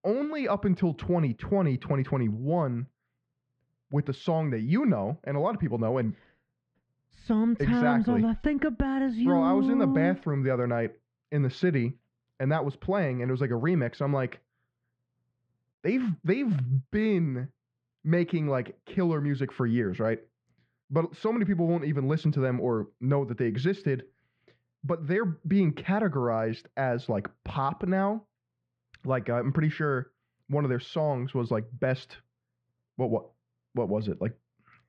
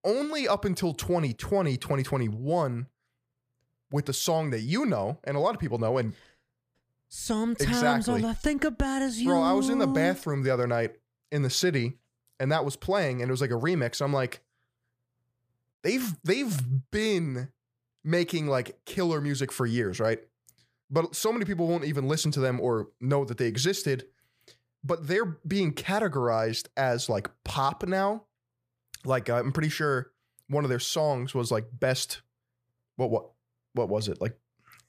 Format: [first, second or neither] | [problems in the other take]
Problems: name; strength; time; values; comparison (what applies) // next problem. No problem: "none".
second | muffled; very; fading above 2.5 kHz